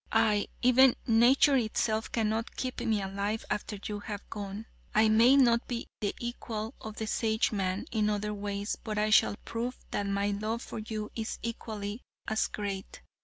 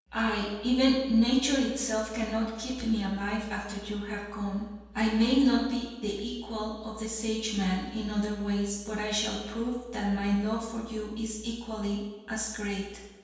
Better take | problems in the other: first | room echo; dies away in 1.2 s

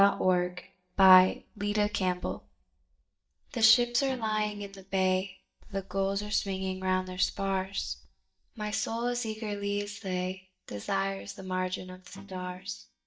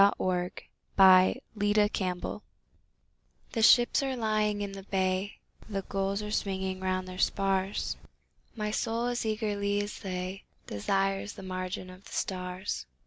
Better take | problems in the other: second | noise reduction (neural mask model DeepFilterNet 3)

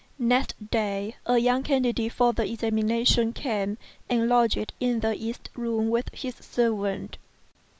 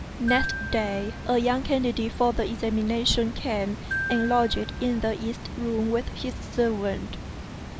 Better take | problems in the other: first | background sound (Water + Glockenspiel); 8 dB below the speech

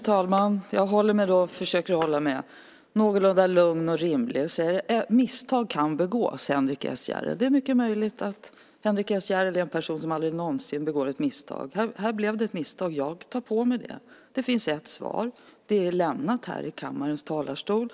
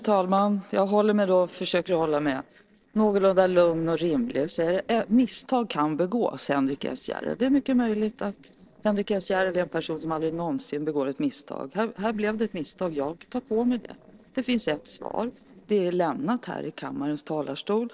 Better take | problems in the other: first | noise reduction (neural separator model SepFormer DNS4)

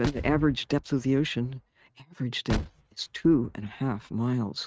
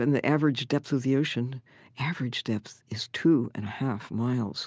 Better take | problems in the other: second | noise reduction (neural mask model RNNoise)

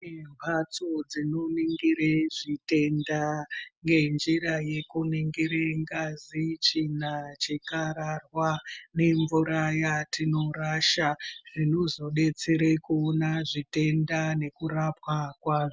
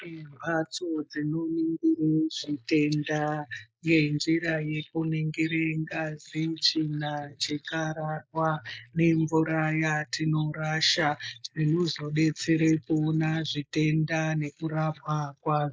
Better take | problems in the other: first | noise reduction (neural mask model Resemble Enhance denoiser)

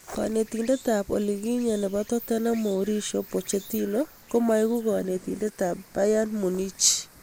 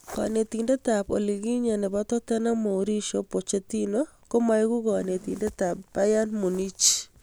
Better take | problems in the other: second | noise reduction (neural mask model Resemble Enhance denoiser)

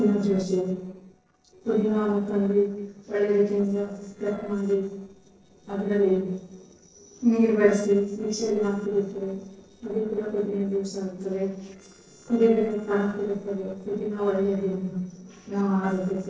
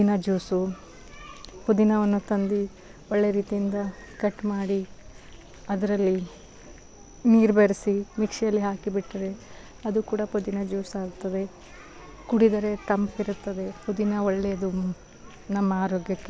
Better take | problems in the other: second | noise reduction (neural separator model SepFormer DNS4)

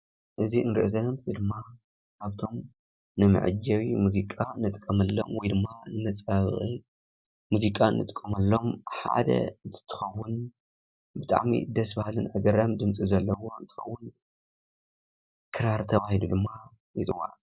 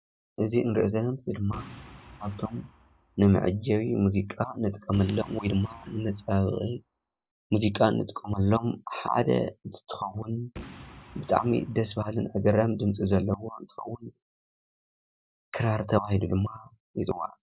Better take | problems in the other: first | background sound (Boom); 20 dB below the speech

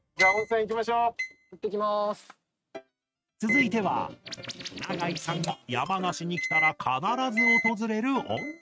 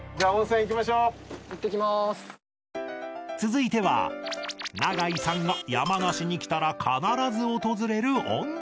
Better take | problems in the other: second | noise reduction (neural mask model RNNoise)

